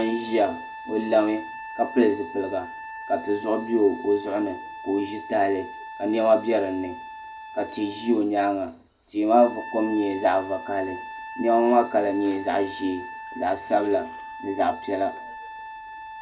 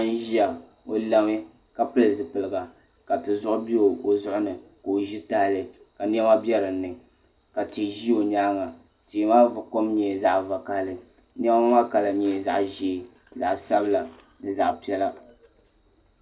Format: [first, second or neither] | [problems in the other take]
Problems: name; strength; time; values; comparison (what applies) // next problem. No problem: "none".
second | background sound (Trumpet); 13 dB below the speech